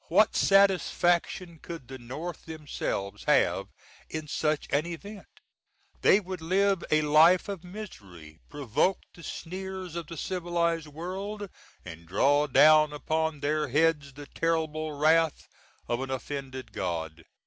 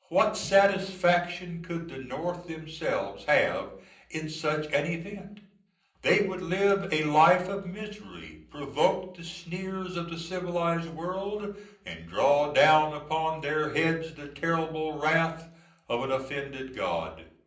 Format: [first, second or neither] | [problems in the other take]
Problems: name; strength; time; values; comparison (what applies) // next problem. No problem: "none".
first | room echo; dies away in 0.6 s